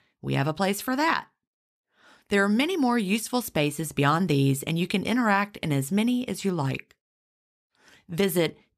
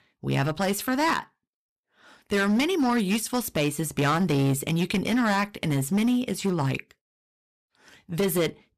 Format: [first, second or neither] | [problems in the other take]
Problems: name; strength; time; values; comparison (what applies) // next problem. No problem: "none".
first | distortion; slight; 9% of the sound clipped